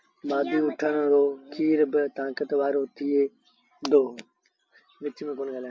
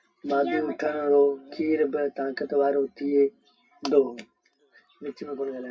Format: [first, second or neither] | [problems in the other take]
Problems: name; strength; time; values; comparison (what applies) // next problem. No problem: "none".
first | room echo; dies away in 0.2 s